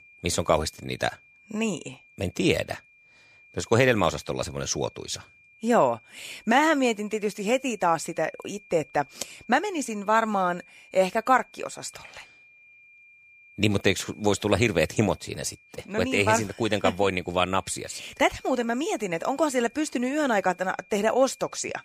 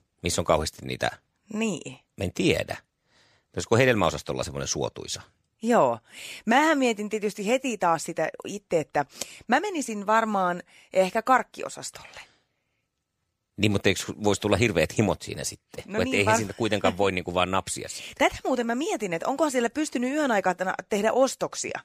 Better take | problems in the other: second | high-pitched whine; faint; throughout; 2.5 kHz, 25 dB below the speech

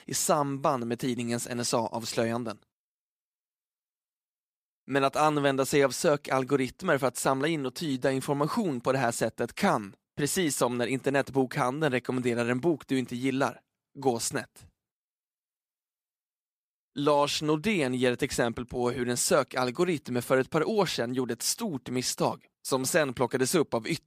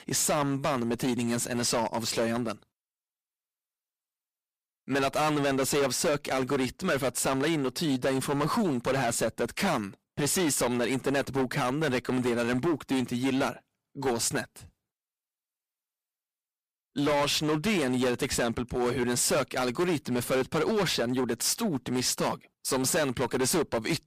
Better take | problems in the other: first | distortion; heavy; 15% of the sound clipped

